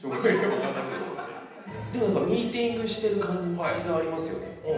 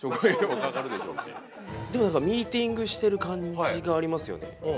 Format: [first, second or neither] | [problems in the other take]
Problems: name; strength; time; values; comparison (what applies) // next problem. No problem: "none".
second | room echo; dies away in 0.9 s